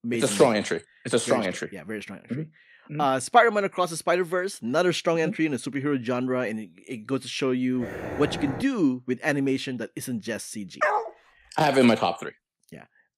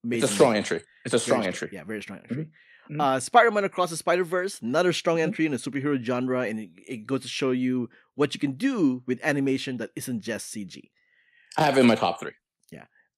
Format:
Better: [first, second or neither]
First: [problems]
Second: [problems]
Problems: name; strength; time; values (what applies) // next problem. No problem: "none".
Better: second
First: dog barking; noticeable; at 8 s; peak 8 dB below the speech // dog barking; loud; at 11 s; peak level with the speech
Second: none